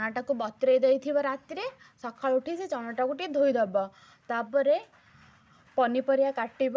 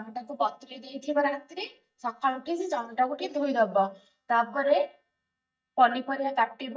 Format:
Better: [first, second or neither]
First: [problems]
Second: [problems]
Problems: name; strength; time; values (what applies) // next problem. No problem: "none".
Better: first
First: none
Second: noise reduction (neural mask model DeepFilterNet 3)